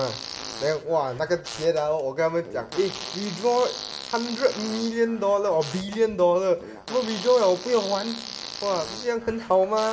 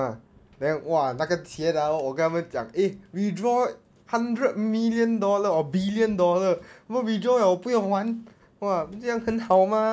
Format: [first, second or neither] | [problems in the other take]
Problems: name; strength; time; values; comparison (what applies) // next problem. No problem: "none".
second | background sound (Fart); 13 dB below the speech // room echo; dies away in 1 s